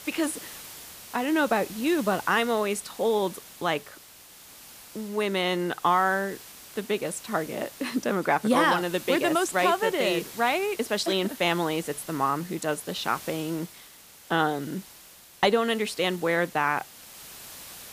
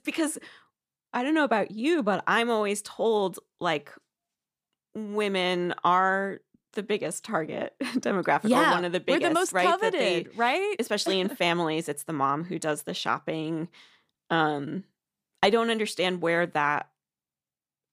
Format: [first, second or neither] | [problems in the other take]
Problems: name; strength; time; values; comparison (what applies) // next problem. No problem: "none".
second | hiss; noticeable; throughout; 15 dB below the speech